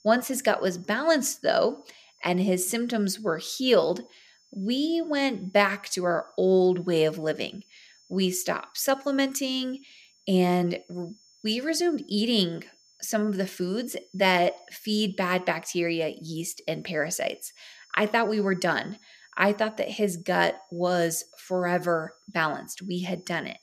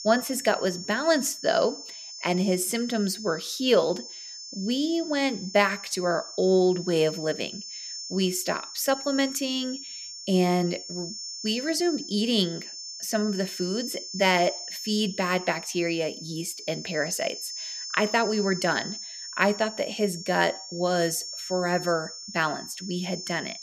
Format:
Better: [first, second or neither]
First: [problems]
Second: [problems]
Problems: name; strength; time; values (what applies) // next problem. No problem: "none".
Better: first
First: high-pitched whine; faint; throughout; 5.5 kHz, 30 dB below the speech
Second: high-pitched whine; loud; throughout; 5.5 kHz, 10 dB below the speech